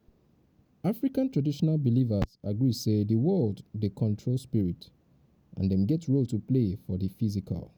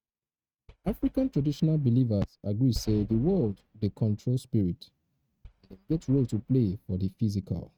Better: first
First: none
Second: noise reduction (neural mask model RNNoise)

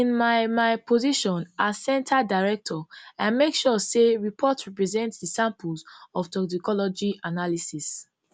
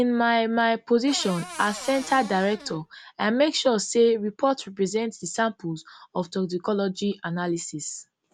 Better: first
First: none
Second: background sound (Cupboard open or close / Door); 14 dB below the speech

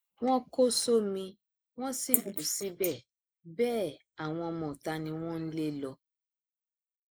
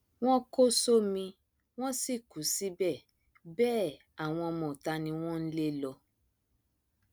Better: second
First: noise reduction (neural mask model Resemble Enhance denoiser)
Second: none

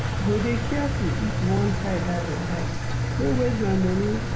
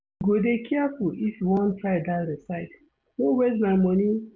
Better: second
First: background sound (Engine); 1 dB above the speech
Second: none

